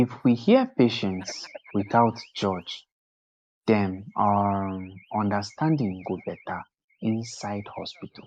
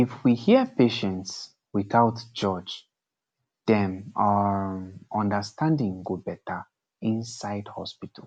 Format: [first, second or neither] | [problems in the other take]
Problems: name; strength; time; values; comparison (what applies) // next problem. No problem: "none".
second | noise reduction (neural mask model Resemble Enhance denoiser)